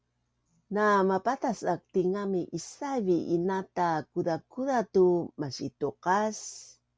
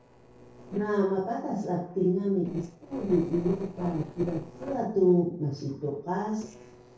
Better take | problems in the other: first | noise reduction (neural separator model SepFormer DNS4)

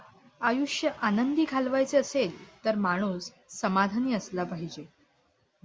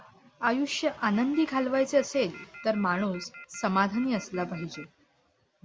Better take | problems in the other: first | background sound (Telephone); 19 dB below the speech

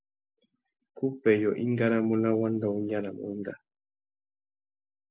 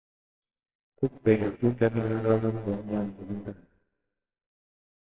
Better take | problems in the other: first | noise reduction (neural separator model SepFormer WHAMR!)

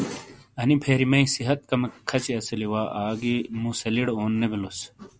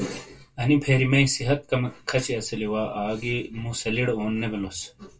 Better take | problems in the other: first | room echo; dies away in 0.2 s

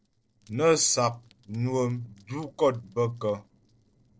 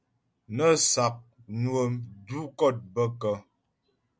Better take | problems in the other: second | noise reduction (neural separator model SepFormer DNS4)

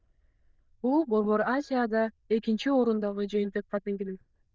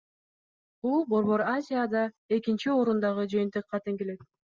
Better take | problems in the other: second | noise reduction (neural diffusion model UNIVERSE++)

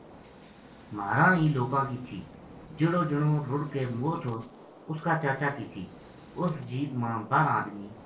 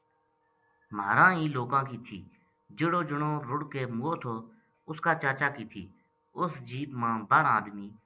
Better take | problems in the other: second | background sound (Gunshot, gunfire); 20 dB below the speech // room echo; dies away in 0.3 s

